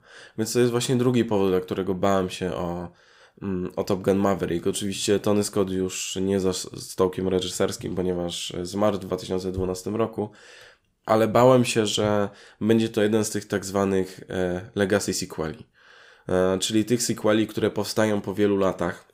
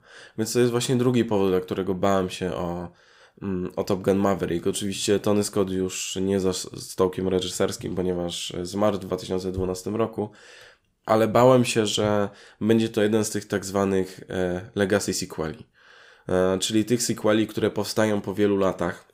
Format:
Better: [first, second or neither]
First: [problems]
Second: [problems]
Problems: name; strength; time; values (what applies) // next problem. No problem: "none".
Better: neither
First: none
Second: none